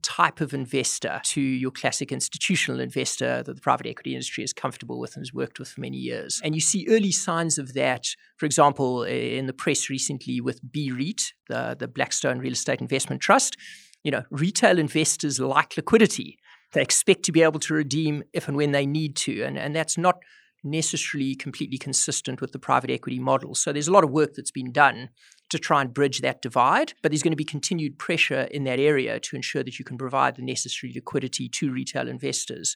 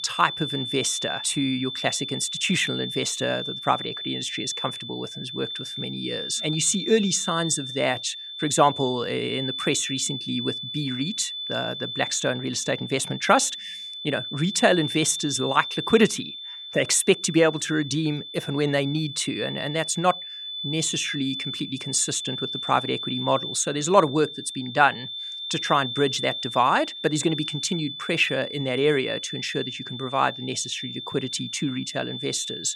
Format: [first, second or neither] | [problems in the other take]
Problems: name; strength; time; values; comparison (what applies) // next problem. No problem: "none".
first | high-pitched whine; loud; throughout; 3.5 kHz, 6 dB below the speech